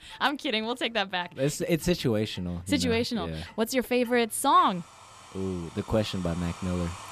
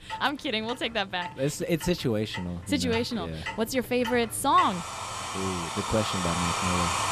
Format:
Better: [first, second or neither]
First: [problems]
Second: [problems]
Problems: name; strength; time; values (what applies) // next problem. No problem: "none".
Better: first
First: household noises; faint; throughout; 20 dB below the speech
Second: household noises; loud; throughout; 5 dB below the speech